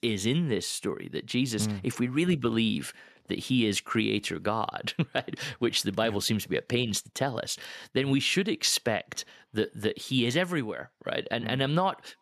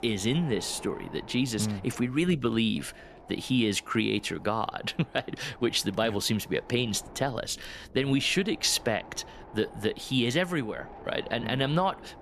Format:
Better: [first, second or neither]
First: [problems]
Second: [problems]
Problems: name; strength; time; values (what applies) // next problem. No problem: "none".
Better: first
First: none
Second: wind noise on the microphone; occasional gusts; 20 dB below the speech